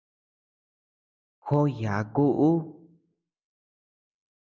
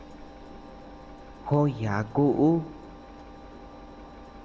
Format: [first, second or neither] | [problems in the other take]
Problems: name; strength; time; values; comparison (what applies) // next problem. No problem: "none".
first | background sound (Engine); 15 dB below the speech